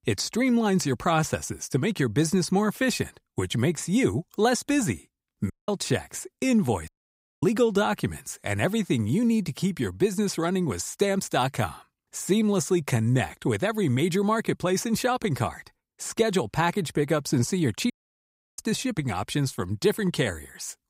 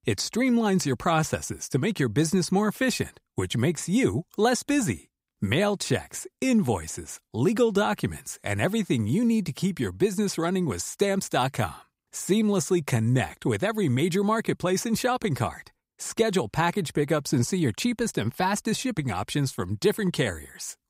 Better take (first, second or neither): second